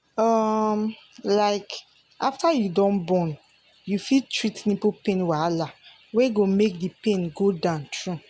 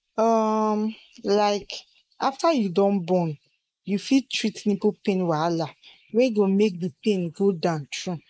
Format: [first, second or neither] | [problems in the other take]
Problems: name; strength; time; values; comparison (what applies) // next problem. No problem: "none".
first | noise reduction (neural mask model Resemble Enhance denoiser)